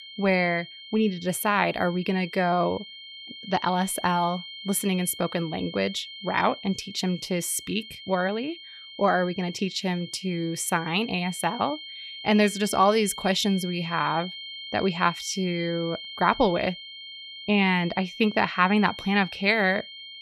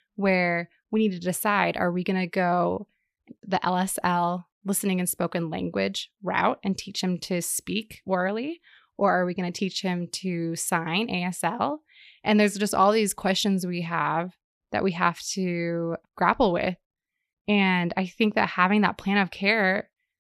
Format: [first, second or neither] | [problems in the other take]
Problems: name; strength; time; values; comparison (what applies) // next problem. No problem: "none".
second | high-pitched whine; noticeable; throughout; 3 kHz, 15 dB below the speech